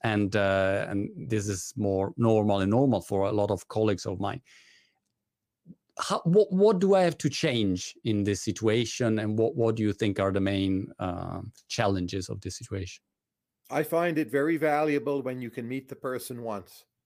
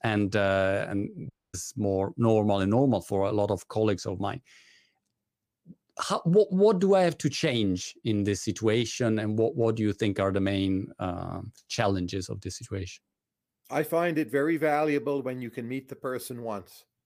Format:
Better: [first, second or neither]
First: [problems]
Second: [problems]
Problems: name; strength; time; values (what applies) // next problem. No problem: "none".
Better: first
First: none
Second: audio cutting out; at 1.5 s